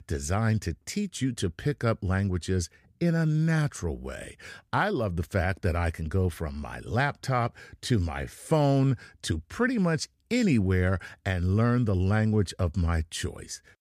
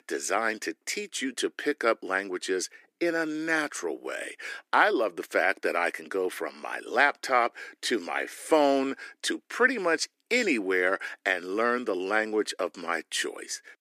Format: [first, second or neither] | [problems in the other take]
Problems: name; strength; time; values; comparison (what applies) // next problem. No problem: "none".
first | thin; very; fading below 300 Hz